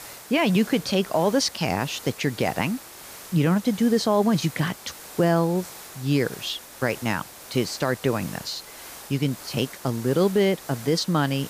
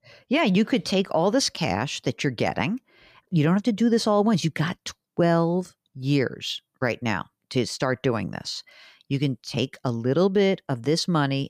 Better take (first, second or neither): second